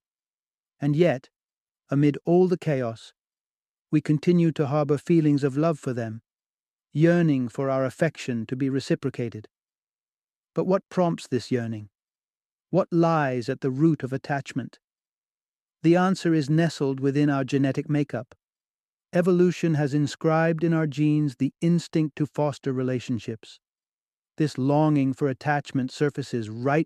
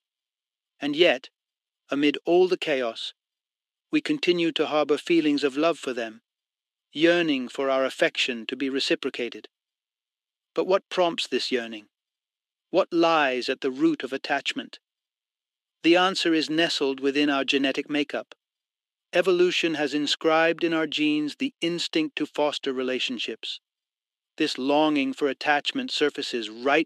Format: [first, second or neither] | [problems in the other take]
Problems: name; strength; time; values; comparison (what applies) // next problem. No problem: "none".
first | thin; somewhat; fading below 300 Hz